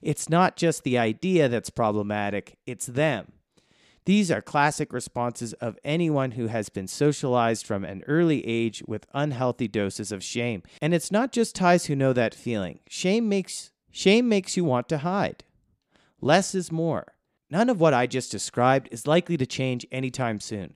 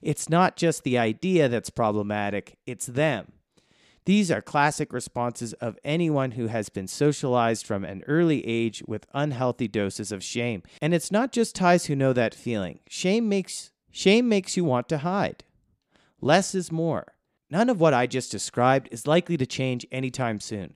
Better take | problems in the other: neither | none

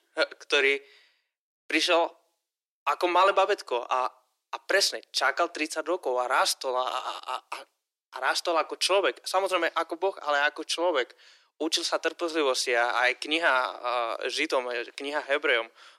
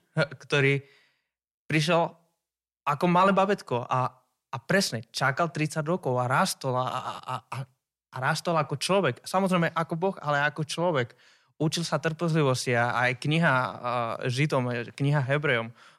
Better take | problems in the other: second | thin; very; fading below 300 Hz

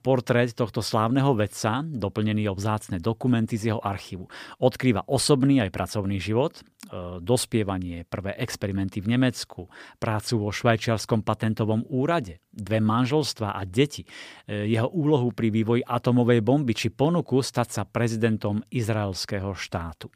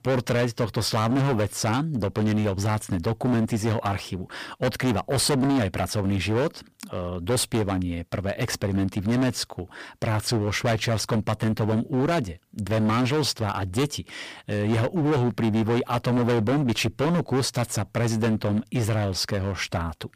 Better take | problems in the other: first | distortion; heavy; 18% of the sound clipped

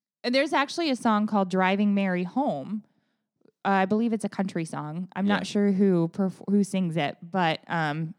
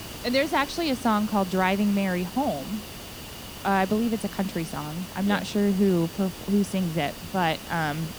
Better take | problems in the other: first | hiss; noticeable; throughout; 10 dB below the speech

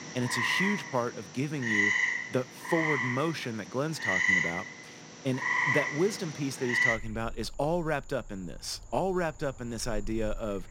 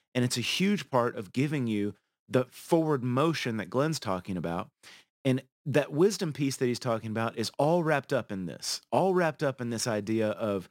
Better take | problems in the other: second | animal sounds; very loud; throughout; 4 dB above the speech

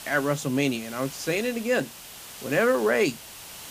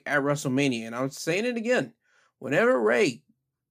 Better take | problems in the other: second | hiss; noticeable; throughout; 15 dB below the speech

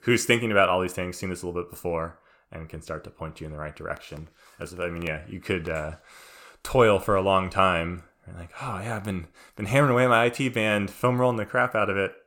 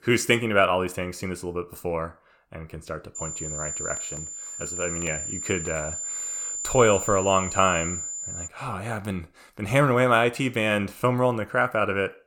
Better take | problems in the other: first | high-pitched whine; loud; from 3 to 8.5 s; 7 kHz, 6 dB below the speech

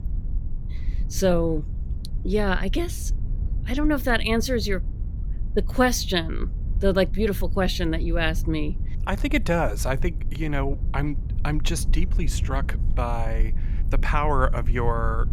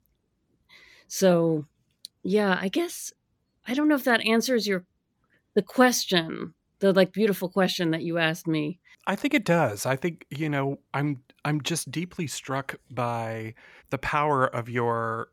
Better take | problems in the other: second | low rumble; noticeable; throughout; 20 dB below the speech

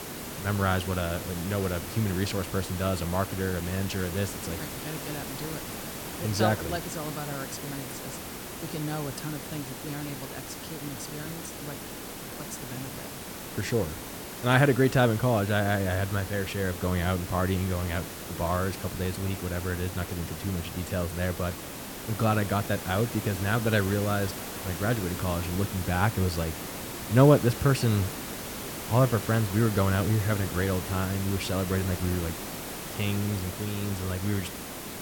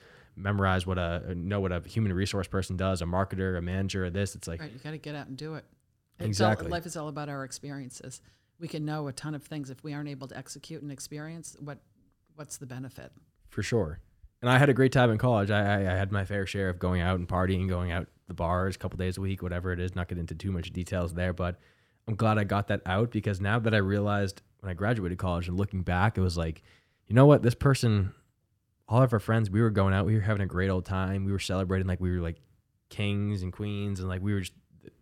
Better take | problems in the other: second | hiss; loud; throughout; 8 dB below the speech

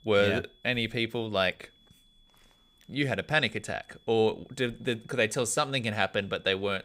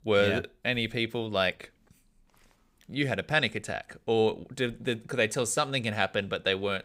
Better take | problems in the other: second | high-pitched whine; faint; throughout; 3.5 kHz, 35 dB below the speech

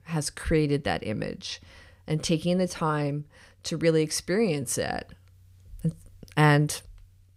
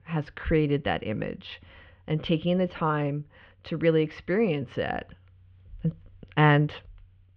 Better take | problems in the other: first | muffled; very; fading above 3 kHz

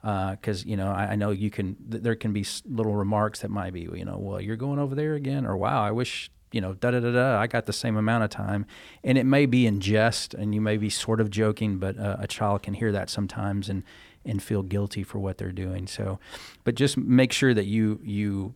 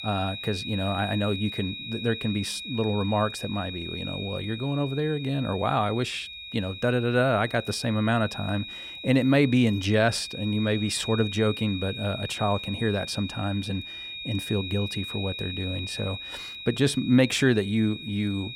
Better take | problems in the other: first | high-pitched whine; loud; throughout; 4 kHz, 9 dB below the speech

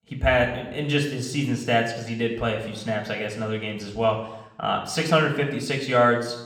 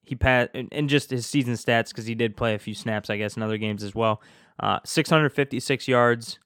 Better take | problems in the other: second | room echo; slight; dies away in 0.8 s // off-mic speech; somewhat distant

